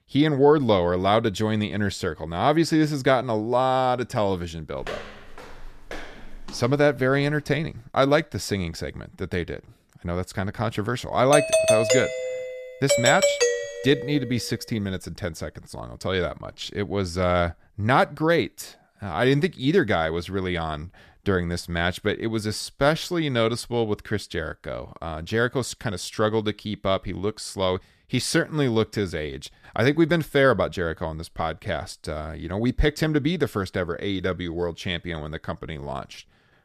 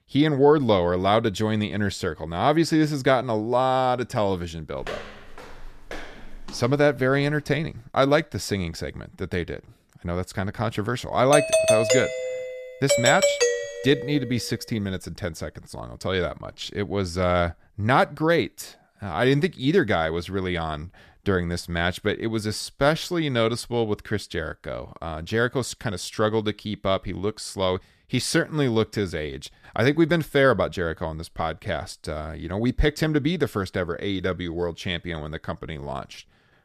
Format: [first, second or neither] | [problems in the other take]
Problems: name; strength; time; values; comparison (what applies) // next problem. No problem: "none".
neither | footsteps; faint; from 4.5 to 8 s; peak 10 dB below the speech; the same in both // doorbell; loud; from 11 to 14 s; peak 5 dB above the speech; the same in both